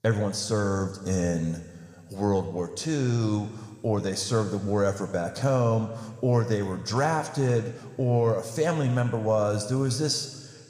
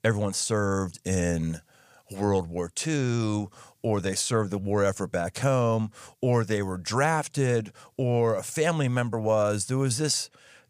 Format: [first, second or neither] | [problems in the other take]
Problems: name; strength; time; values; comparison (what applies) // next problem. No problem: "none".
second | room echo; slight; dies away in 1.7 s